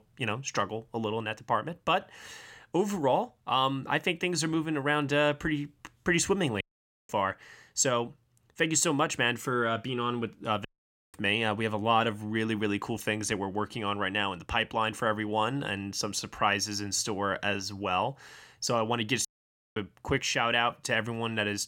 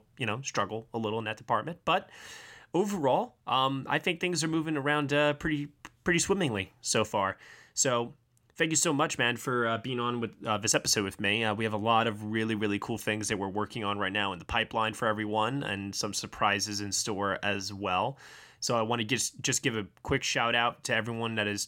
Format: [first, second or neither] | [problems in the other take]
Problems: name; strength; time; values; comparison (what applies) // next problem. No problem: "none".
second | audio cutting out; at 6.5 s, at 11 s and at 19 s for 0.5 s